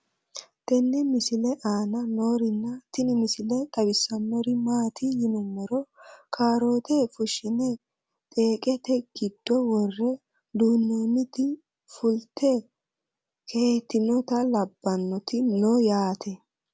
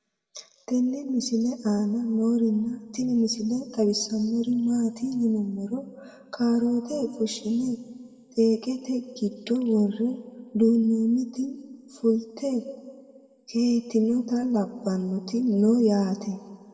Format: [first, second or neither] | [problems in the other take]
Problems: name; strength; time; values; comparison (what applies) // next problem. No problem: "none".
first | room echo; dies away in 1.4 s